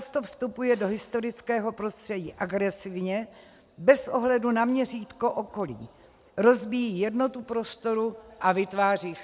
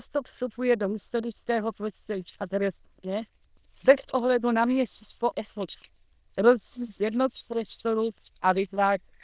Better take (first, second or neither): first